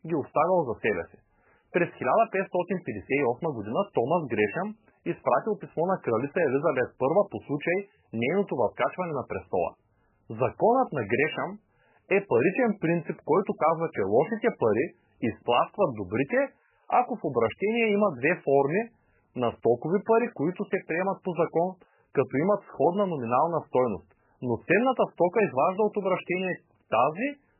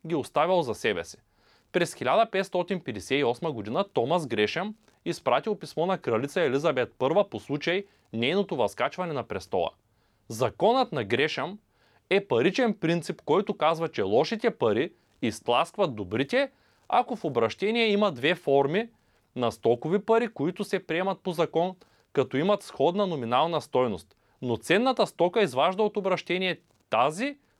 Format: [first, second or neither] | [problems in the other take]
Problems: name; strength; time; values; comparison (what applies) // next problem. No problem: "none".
second | garbled, watery; badly; nothing above 3 kHz